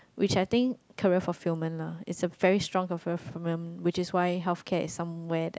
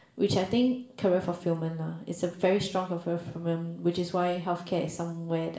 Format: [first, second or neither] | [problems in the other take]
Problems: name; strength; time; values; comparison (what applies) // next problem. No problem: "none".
first | room echo; dies away in 0.5 s